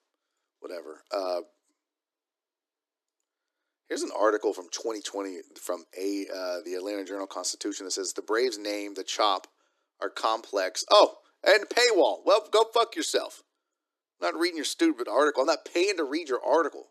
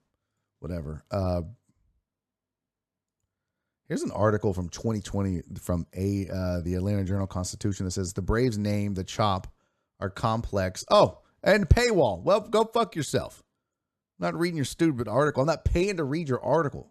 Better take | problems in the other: second | thin; somewhat; fading below 300 Hz

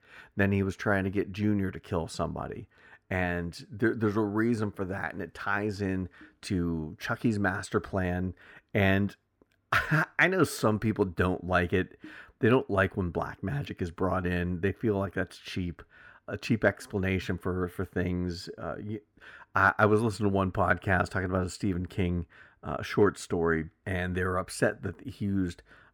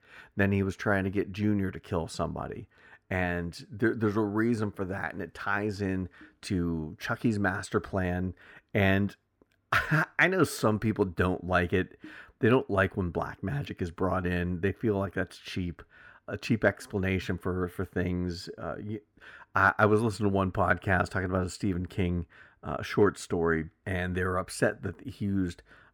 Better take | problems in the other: neither | muffled; very slightly; fading above 3.5 kHz; the same in both

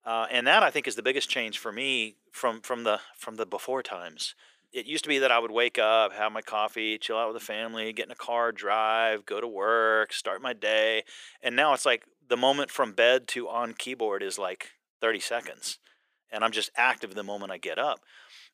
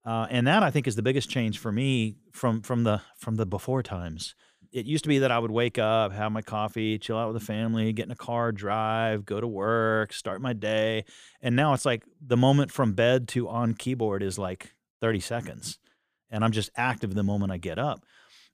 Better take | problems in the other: second | thin; very; fading below 400 Hz

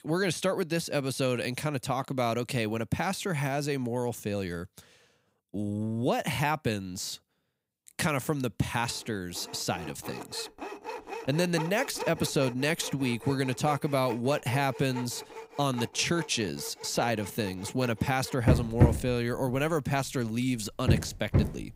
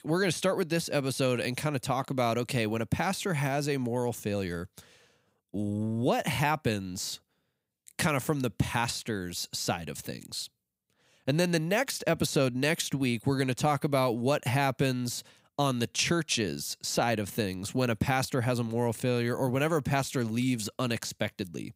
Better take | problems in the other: second | machinery noise; loud; from 8 s on; 4 dB below the speech

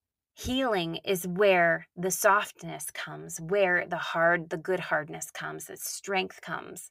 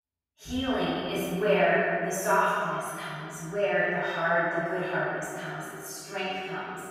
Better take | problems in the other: first | off-mic speech; far // room echo; strong; dies away in 2.1 s

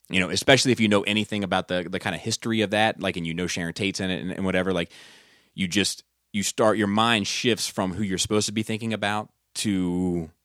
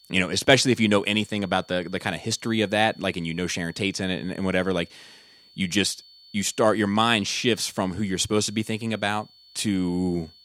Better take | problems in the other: first | high-pitched whine; faint; throughout; 4.5 kHz, 25 dB below the speech

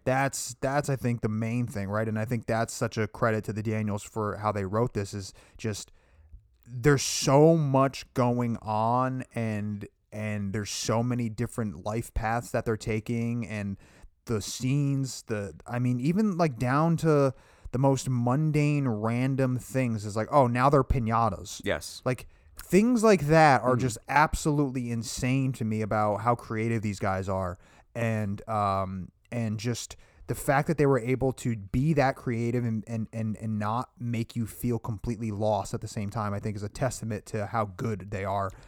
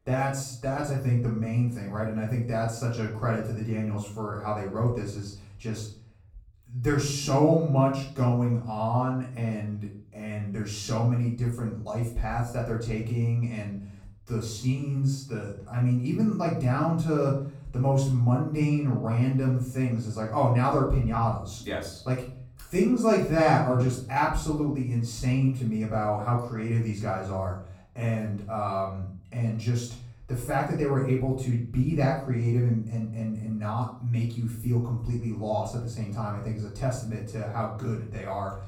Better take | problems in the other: first | off-mic speech; far // room echo; noticeable; dies away in 0.5 s

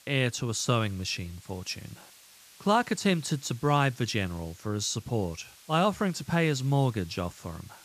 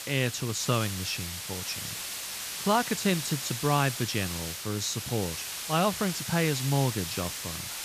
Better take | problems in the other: first | hiss; loud; throughout; 4 dB below the speech; faint in the first

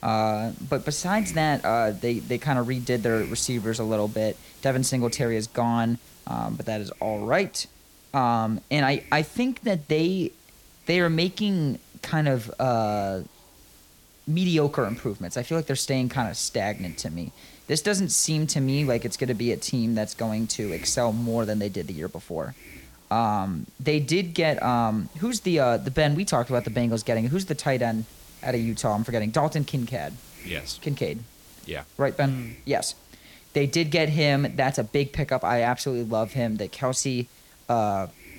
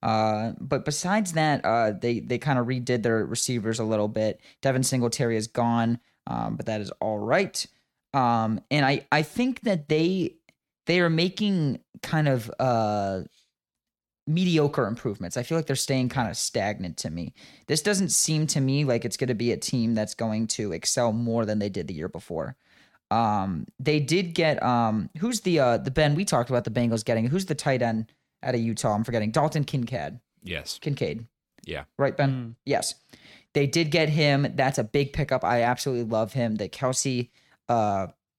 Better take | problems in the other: second | hiss; faint; throughout; 20 dB below the speech

